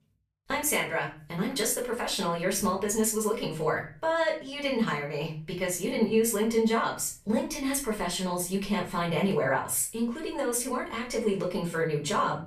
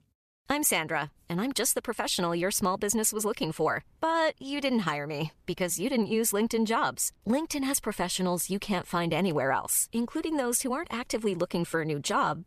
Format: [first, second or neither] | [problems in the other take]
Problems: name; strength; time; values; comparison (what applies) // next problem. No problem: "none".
second | room echo; slight; dies away in 0.4 s // off-mic speech; far